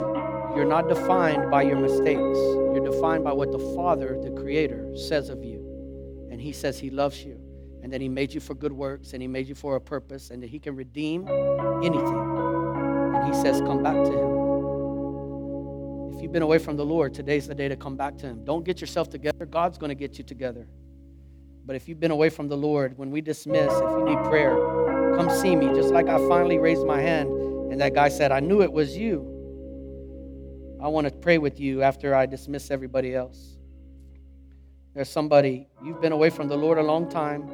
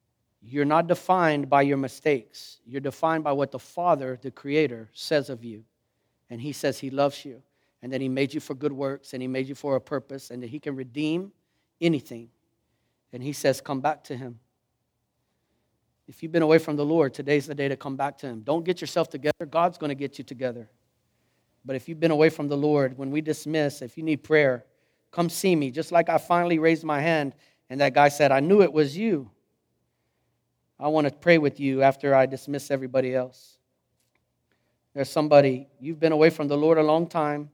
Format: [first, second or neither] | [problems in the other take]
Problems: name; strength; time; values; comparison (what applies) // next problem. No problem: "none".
second | background music; very loud; throughout; as loud as the speech